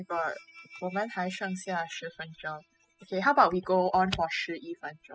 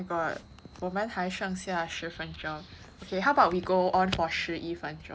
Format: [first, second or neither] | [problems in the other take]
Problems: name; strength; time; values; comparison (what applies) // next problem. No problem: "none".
second | noise reduction (classical method spectral subtraction)